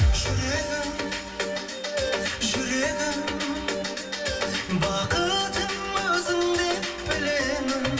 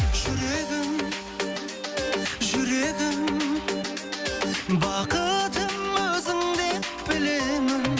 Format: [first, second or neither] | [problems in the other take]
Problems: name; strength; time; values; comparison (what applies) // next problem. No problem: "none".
second | room echo; dies away in 1.8 s